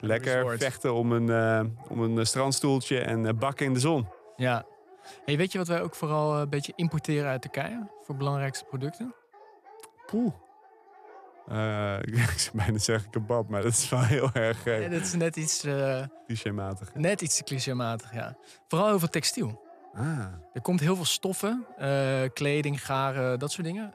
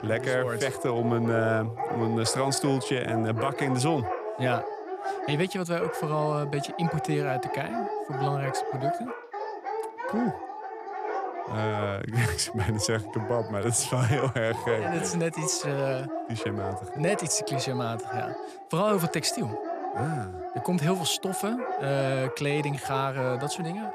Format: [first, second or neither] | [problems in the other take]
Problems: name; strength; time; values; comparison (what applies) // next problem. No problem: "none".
first | animal sounds; loud; throughout; 6 dB below the speech; faint in the first